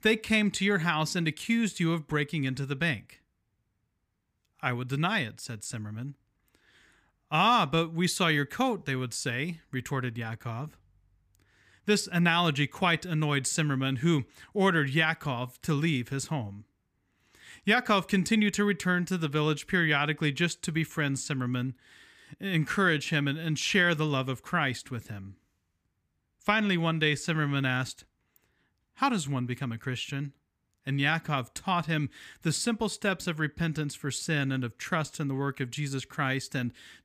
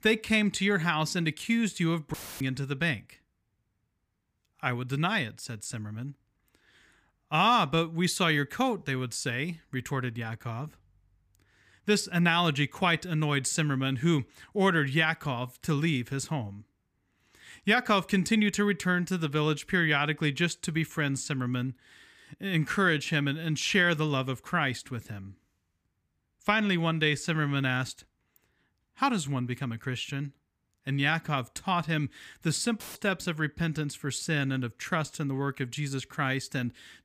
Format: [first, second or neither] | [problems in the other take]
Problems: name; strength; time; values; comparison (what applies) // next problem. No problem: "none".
first | audio cutting out; filled with static; at 2 s and at 33 s